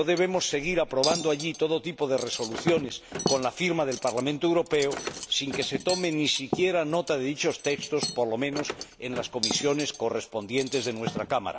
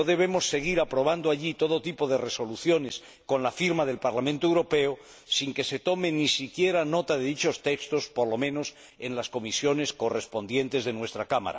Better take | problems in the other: second | background sound (Car + Cutlery, silverware); 9 dB below the speech

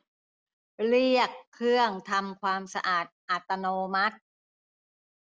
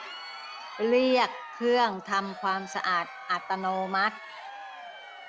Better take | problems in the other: first | background sound (Crowd); 13 dB below the speech

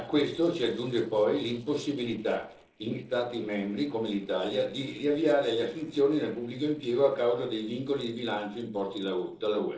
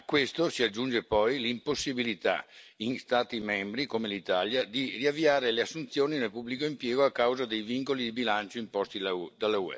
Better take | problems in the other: second | noise reduction (neural separator model SepFormer DNS4)

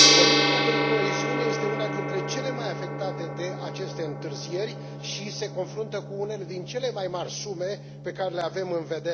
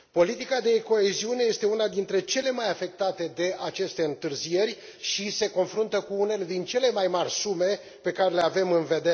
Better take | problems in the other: second | background sound (Gong); 4 dB above the speech

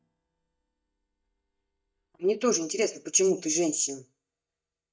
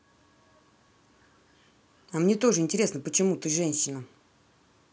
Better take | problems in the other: second | noise reduction (neural mask model DeepFilterNet 3)

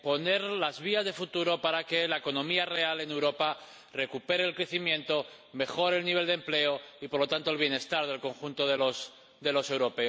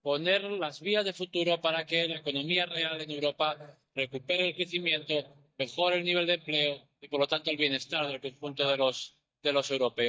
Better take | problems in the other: first | noise reduction (neural mask model DeepFilterNet 3)

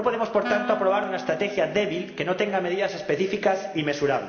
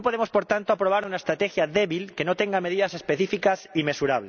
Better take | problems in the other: second | background sound (Wind instrument, woodwind instrument); 12 dB below the speech // room echo; dies away in 1.7 s

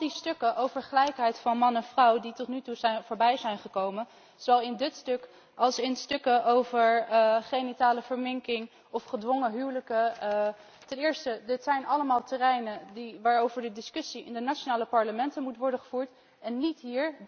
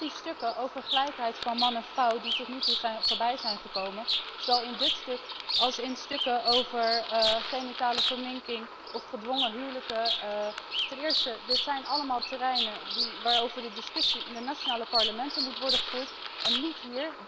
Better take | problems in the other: first | background sound (Bird vocalization, bird call, bird song); as loud as the speech

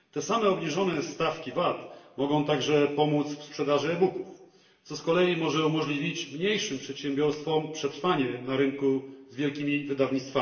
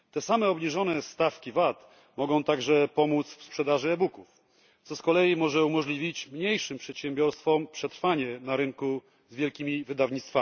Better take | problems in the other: second | room echo; dies away in 0.7 s

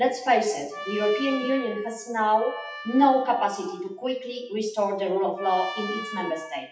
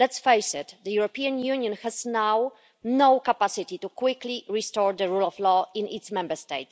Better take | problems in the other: second | noise reduction (classical method WPE with log-MMSE)

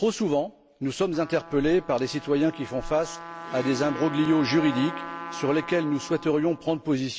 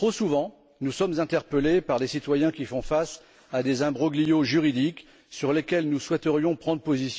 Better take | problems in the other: second | background sound (Trumpet + Harp); 13 dB below the speech

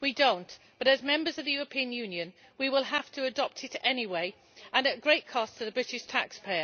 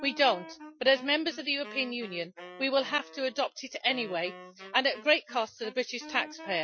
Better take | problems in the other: first | noise reduction (classical method Wiener filter)

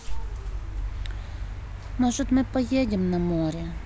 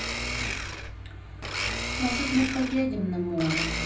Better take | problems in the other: first | background sound (Domestic sounds, home sounds); 3 dB below the speech // room echo; dies away in 0.6 s

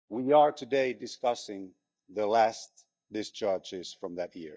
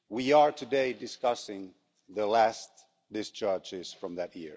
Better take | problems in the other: second | noise reduction (neural mask model DeepFilterNet 3)

